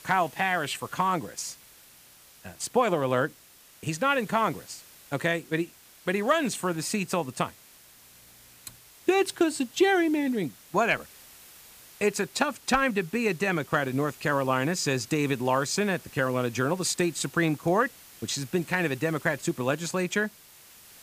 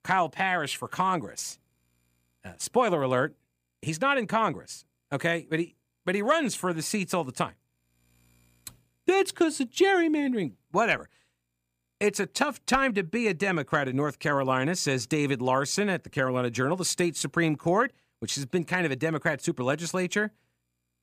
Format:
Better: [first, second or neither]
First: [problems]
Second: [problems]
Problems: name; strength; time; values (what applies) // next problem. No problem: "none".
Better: second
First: hiss; faint; throughout; 20 dB below the speech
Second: none